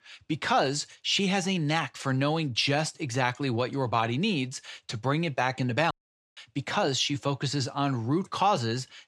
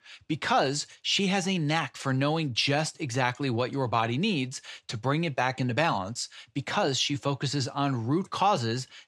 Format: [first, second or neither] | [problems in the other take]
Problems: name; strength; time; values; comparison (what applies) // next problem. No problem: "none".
second | audio cutting out; at 6 s